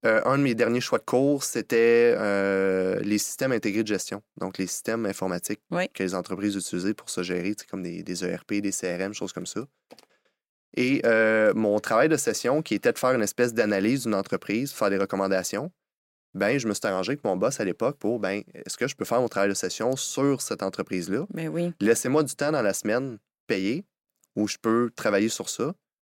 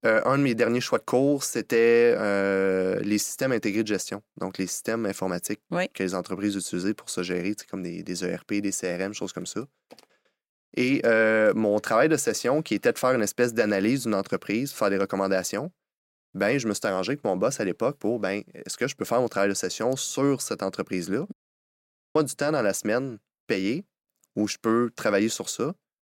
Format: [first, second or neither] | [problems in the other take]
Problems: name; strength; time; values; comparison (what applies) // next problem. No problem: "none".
first | audio cutting out; at 21 s for 1 s